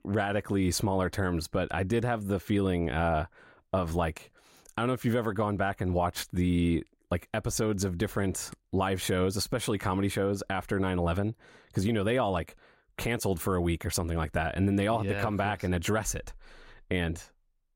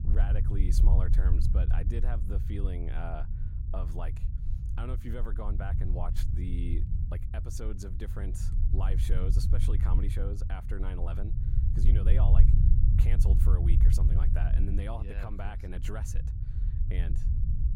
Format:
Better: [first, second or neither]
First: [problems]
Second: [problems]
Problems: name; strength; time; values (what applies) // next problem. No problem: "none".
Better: first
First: none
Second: low rumble; loud; throughout; 3 dB below the speech